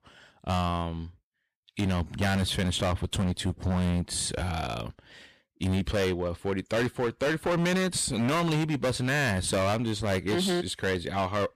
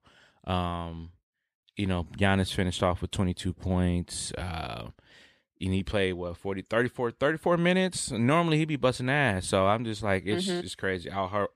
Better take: second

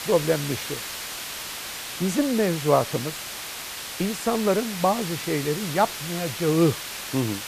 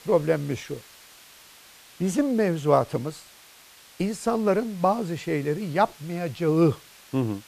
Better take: second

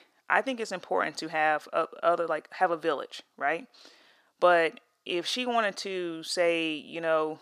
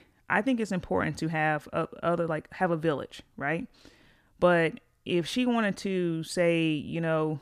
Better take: second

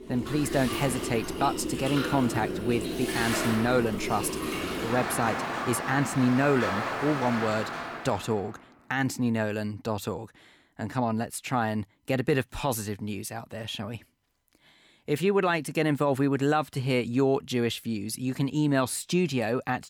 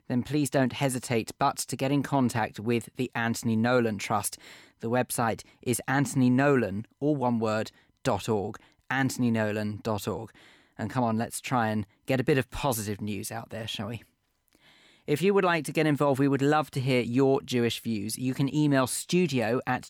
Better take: second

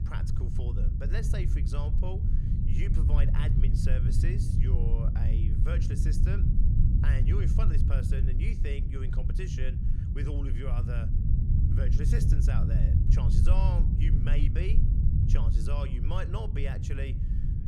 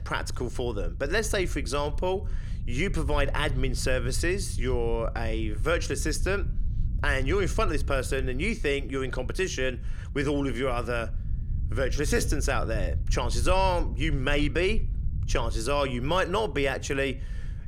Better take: second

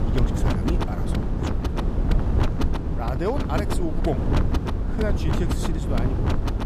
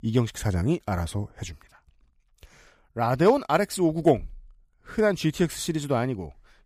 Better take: second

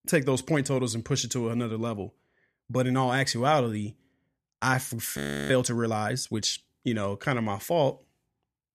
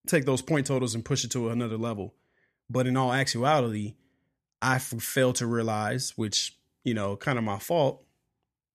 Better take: second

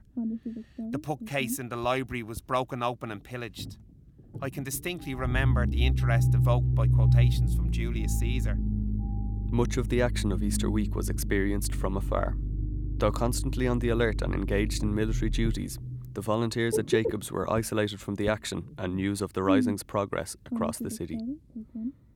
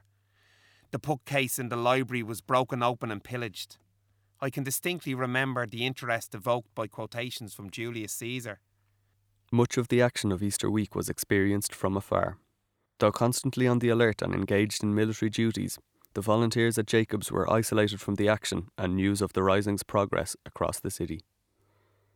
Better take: second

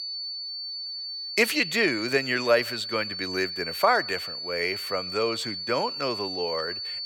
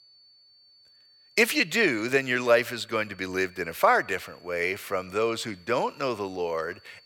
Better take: second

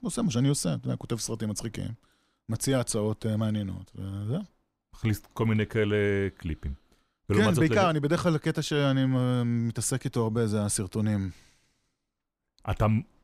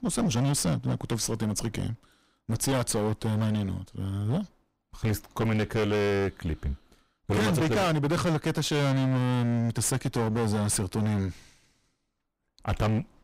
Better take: first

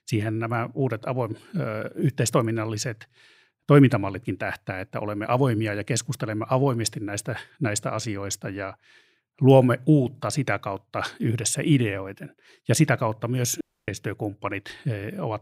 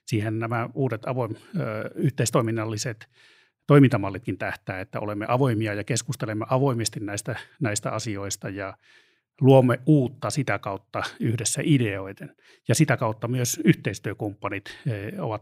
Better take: second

